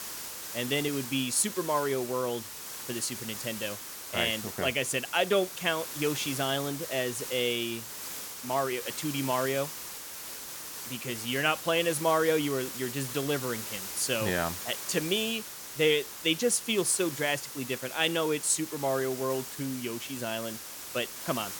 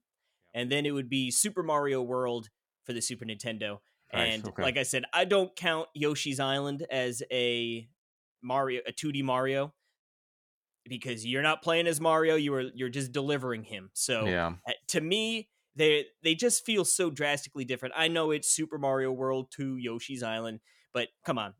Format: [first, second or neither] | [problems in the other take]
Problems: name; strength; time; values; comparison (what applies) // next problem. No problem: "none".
second | hiss; loud; throughout; 8 dB below the speech